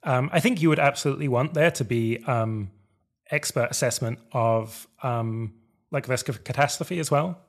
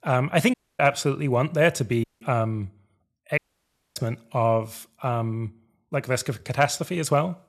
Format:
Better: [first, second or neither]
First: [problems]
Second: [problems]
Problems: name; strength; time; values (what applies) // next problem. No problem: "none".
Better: first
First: none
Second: audio cutting out; at 0.5 s, at 2 s and at 3.5 s for 0.5 s